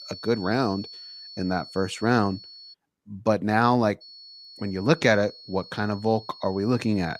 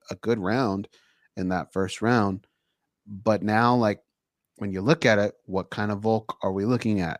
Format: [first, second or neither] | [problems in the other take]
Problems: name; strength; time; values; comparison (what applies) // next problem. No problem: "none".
second | high-pitched whine; noticeable; until 2.5 s and from 4 s on; 4.5 kHz, 15 dB below the speech